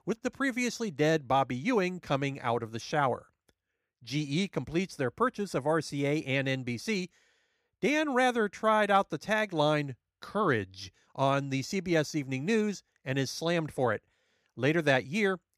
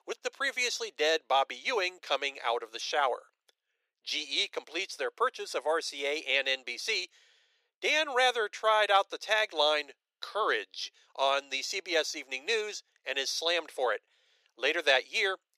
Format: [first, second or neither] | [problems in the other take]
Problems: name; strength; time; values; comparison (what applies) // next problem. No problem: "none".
first | thin; very; fading below 400 Hz